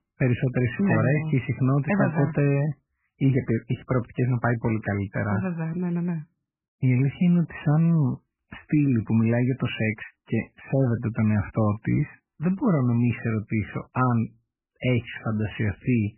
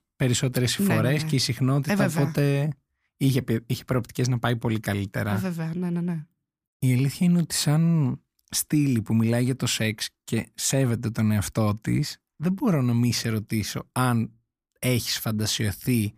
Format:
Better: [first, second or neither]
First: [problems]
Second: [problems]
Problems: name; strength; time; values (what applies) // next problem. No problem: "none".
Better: second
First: garbled, watery; badly; nothing above 3 kHz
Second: none